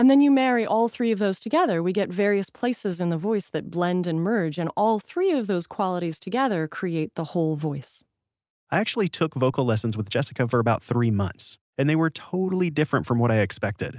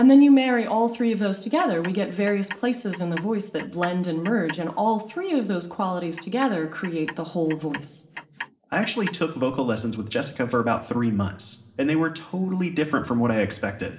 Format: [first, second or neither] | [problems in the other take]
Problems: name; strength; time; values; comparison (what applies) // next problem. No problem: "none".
first | background sound (Clock); 16 dB below the speech // room echo; dies away in 1.7 s